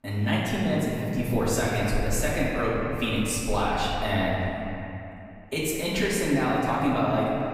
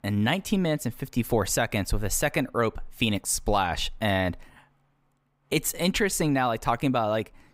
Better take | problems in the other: second | off-mic speech; far // room echo; strong; dies away in 2.8 s

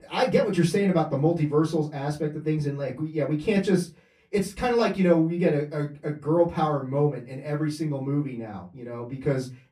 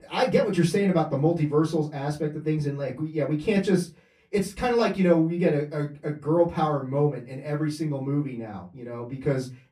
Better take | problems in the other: neither | off-mic speech; far; the same in both // room echo; very slight; dies away in 0.2 s; the same in both

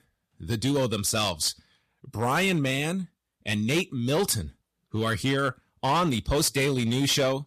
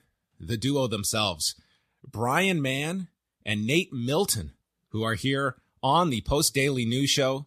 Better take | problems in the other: second | distortion; slight; 8% of the sound clipped

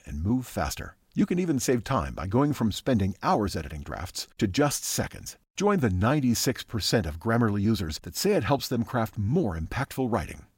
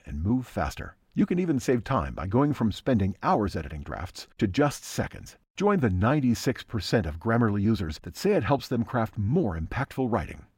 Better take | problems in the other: first | muffled; slightly; fading above 4 kHz

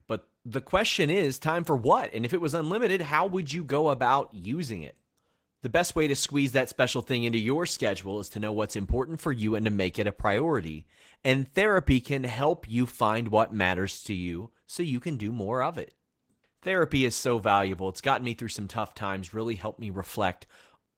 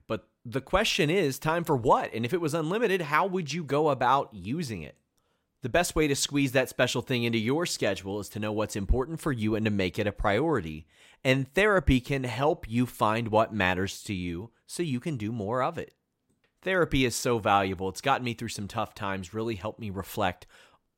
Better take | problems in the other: second | garbled, watery; slightly; nothing above 16 kHz

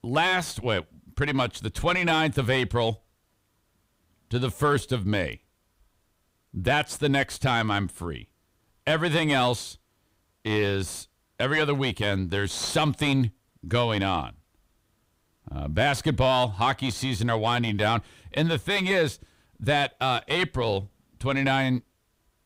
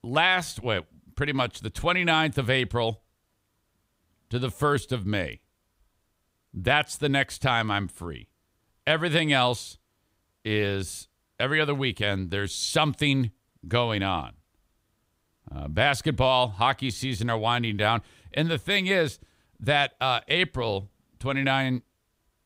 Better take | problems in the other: second | distortion; slight; 10 dB below the speech

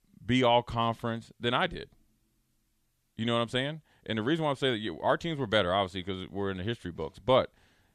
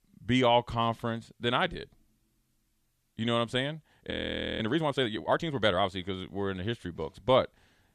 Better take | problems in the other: first | audio freezing; at 4 s

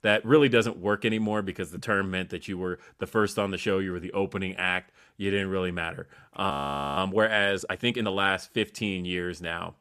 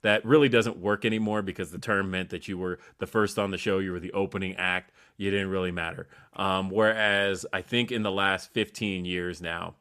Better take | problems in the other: second | audio freezing; at 6.5 s

